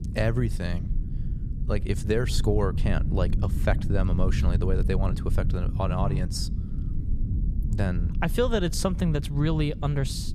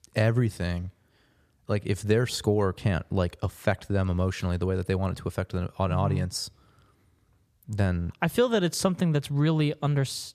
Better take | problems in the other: second | low rumble; noticeable; throughout; 10 dB below the speech

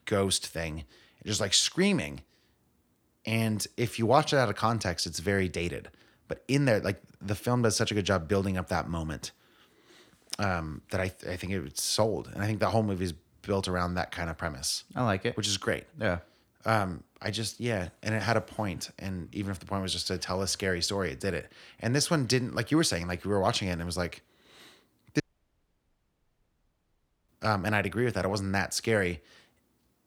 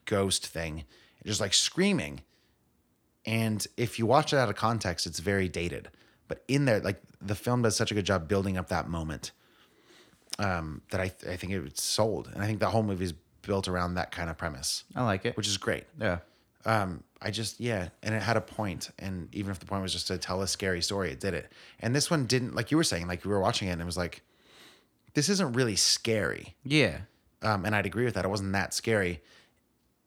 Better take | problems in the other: second | audio cutting out; at 25 s for 2 s

